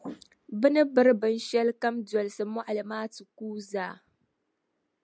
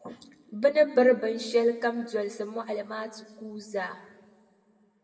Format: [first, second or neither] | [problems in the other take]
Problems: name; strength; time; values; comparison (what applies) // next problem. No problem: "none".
first | room echo; dies away in 1.7 s